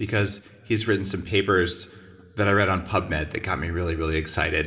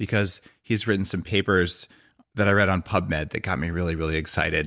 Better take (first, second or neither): second